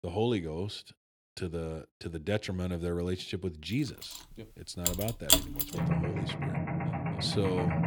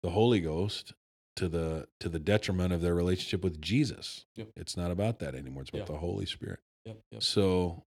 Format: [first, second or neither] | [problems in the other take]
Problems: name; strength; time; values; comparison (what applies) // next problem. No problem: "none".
second | machinery noise; very loud; from 4 s on; 5 dB above the speech